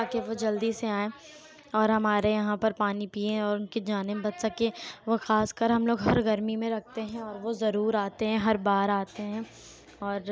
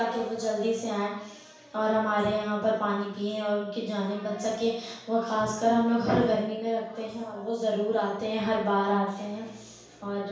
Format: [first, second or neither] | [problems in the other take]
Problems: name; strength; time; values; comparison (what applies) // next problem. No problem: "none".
first | room echo; dies away in 0.7 s